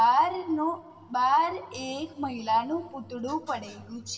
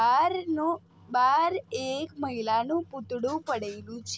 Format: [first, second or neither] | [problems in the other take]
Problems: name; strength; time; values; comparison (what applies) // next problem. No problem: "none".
second | room echo; dies away in 2.4 s